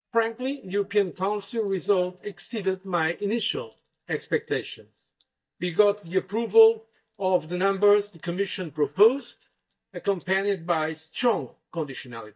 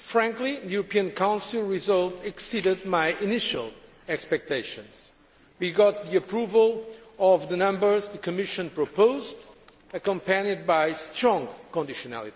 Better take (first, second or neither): second